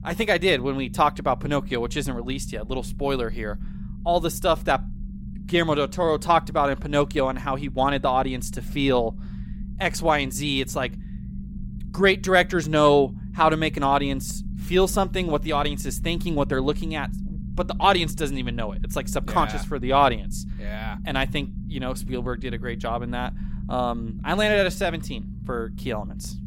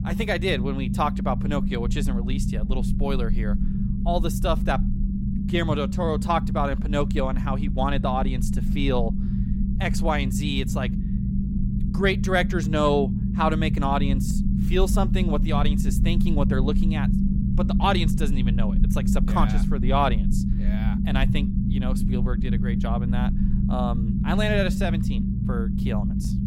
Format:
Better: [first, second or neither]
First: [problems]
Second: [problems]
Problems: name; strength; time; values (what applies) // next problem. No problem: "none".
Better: first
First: low rumble; faint; throughout; 20 dB below the speech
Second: low rumble; loud; throughout; 7 dB below the speech